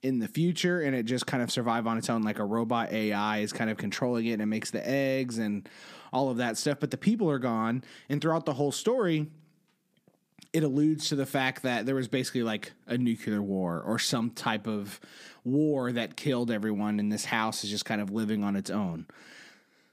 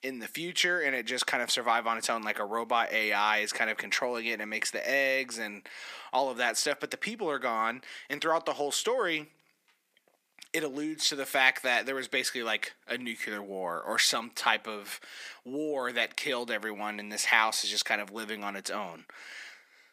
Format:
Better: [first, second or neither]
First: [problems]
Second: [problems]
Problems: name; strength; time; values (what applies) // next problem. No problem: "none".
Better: first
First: none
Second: thin; very; fading below 650 Hz